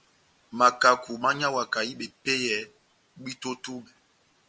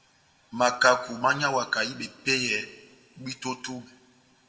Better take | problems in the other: first | room echo; dies away in 1.4 s

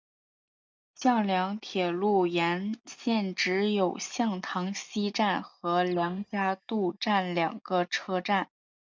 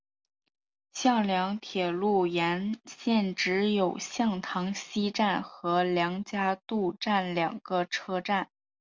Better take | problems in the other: second | noise reduction (neural mask model DeepFilterNet 3)

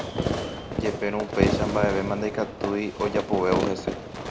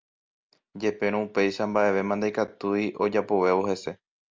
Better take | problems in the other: second | background sound (Fireworks); 1 dB below the speech

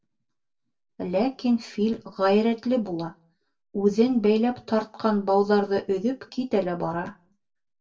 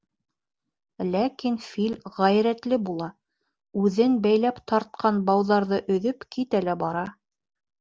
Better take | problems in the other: second | room echo; dies away in 0.2 s

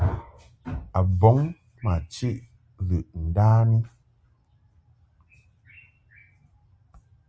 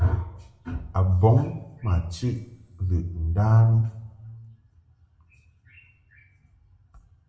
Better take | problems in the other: first | room echo; dies away in 0.8 s

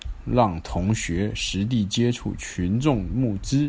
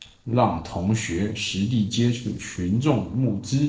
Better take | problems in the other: first | noise reduction (neural separator model SepFormer DNS4)

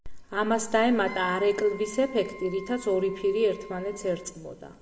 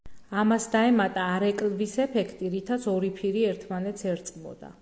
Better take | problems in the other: second | background sound (Wind instrument, woodwind instrument); 19 dB below the speech // room echo; dies away in 0.8 s

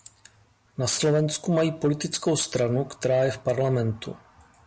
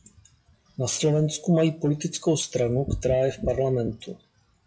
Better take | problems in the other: first | noise reduction (classical method WPE with log-MMSE)

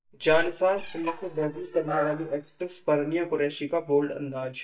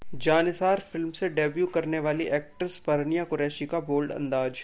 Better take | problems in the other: second | noise reduction (neural mask model DeepFilterNet 3)

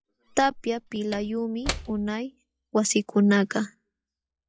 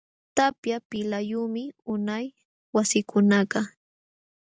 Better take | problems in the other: second | noise reduction (classical method log-MMSE)

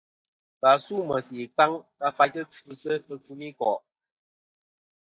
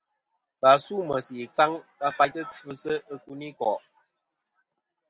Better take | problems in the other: second | noise reduction (neural mask model DeepFilterNet 3)

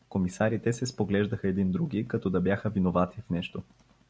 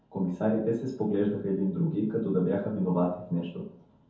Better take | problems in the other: first | room echo; dies away in 0.6 s

